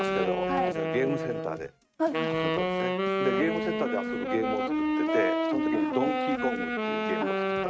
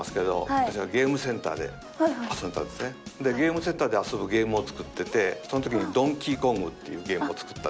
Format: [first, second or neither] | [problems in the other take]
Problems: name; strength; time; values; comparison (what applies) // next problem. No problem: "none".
second | noise reduction (neural mask model RNNoise)